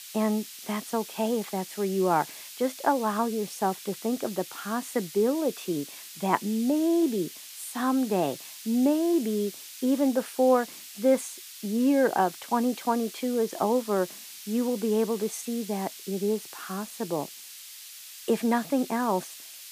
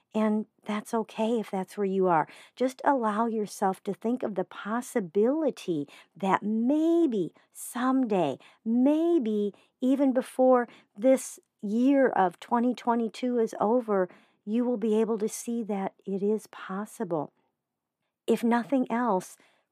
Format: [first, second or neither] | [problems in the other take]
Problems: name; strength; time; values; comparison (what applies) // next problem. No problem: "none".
second | hiss; noticeable; throughout; 15 dB below the speech